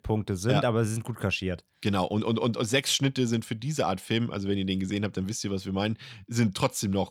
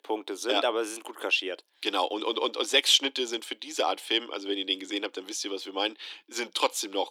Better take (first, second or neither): first